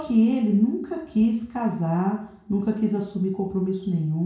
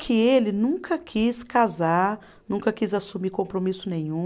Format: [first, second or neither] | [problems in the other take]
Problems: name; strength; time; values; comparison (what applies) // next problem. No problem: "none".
second | room echo; dies away in 0.6 s